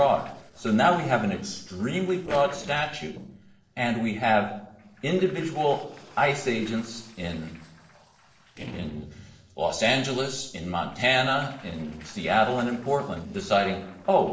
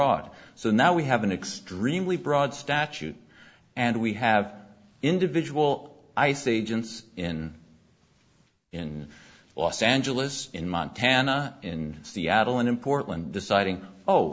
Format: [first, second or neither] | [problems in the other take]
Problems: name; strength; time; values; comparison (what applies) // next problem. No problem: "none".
second | noise reduction (neural separator model SepFormer DNS4)